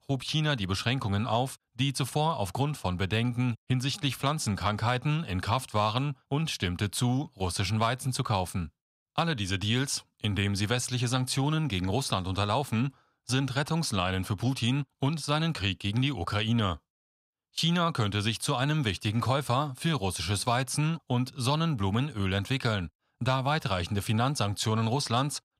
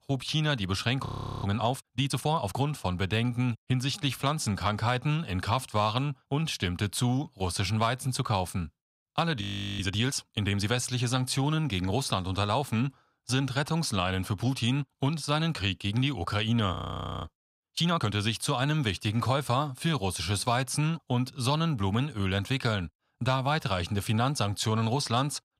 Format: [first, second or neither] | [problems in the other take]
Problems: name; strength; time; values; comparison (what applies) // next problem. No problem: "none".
first | audio freezing; at 1 s, at 9.5 s and at 17 s for 0.5 s